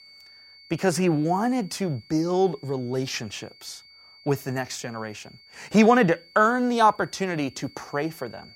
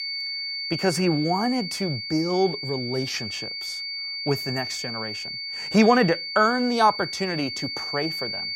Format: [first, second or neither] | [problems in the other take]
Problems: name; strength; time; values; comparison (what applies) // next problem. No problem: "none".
first | high-pitched whine; loud; throughout; 4.5 kHz, 5 dB below the speech; faint in the first